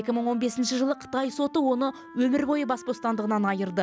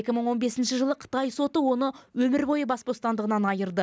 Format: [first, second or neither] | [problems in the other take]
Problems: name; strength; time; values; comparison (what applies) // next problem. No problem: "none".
second | background sound (Wind instrument, woodwind instrument); 19 dB below the speech